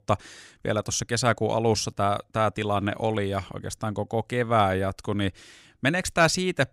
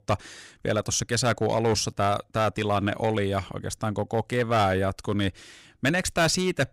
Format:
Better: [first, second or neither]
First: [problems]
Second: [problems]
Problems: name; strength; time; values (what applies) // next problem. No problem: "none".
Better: first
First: none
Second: distortion; slight; 5% of the sound clipped